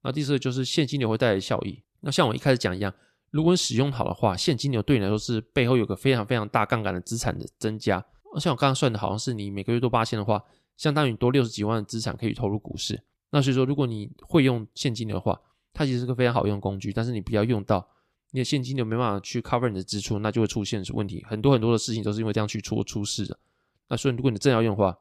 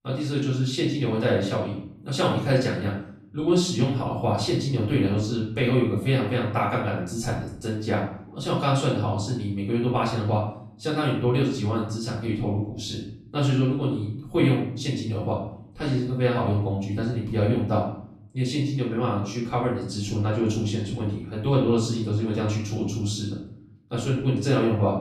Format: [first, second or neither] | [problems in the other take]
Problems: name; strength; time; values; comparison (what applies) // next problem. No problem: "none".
first | room echo; noticeable; dies away in 0.6 s // off-mic speech; far